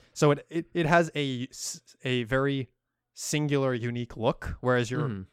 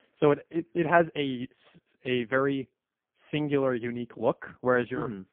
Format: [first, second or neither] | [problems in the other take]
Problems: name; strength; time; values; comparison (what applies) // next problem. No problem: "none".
first | phone-call audio; poor line; nothing above 3.5 kHz